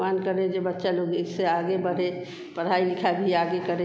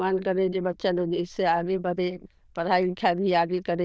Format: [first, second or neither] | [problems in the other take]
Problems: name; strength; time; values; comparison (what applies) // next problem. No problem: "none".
first | noise reduction (neural diffusion model UNIVERSE++)